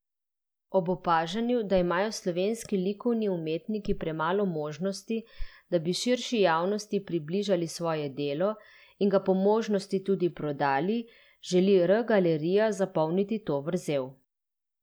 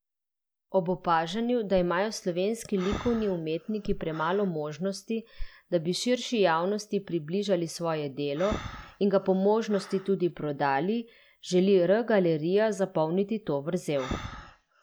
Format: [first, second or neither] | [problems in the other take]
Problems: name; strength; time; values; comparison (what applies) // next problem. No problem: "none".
first | background sound (Breathing); 18 dB below the speech